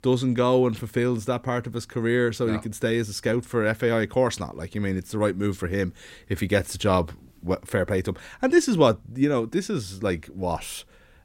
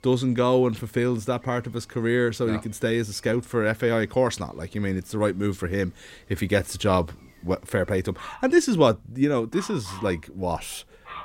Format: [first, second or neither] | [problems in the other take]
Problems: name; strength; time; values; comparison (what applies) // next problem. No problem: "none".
first | animal sounds; faint; throughout; 25 dB below the speech